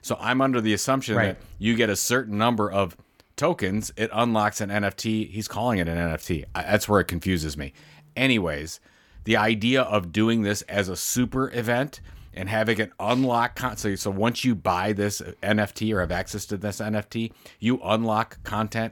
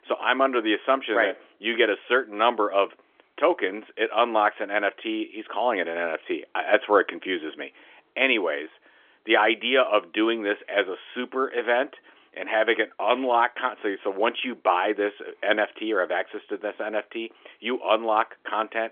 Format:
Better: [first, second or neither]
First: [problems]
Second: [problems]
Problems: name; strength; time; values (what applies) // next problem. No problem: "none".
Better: first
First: none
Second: phone-call audio; nothing above 3.5 kHz